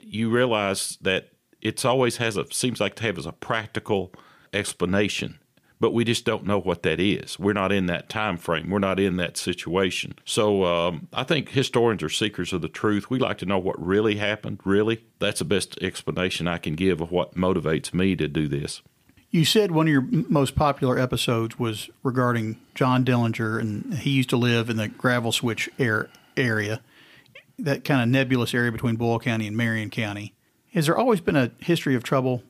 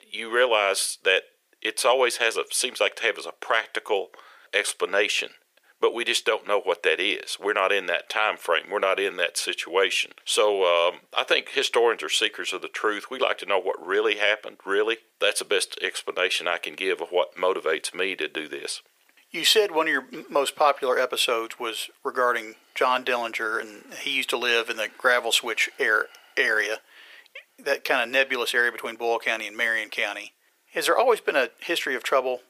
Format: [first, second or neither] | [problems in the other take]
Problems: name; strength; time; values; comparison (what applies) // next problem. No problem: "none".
first | thin; very; fading below 450 Hz